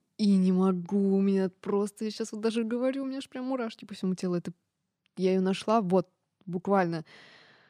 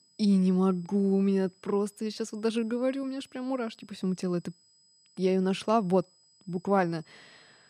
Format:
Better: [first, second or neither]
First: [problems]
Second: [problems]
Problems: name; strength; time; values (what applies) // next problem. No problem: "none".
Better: first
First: none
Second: high-pitched whine; faint; throughout; 5 kHz, 30 dB below the speech